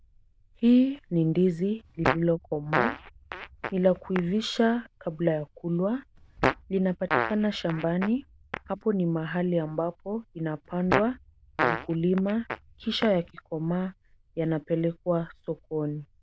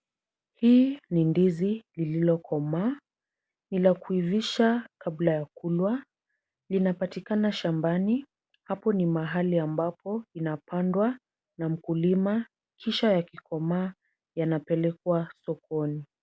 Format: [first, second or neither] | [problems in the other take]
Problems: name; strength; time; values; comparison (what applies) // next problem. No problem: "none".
second | noise reduction (neural diffusion model UNIVERSE++)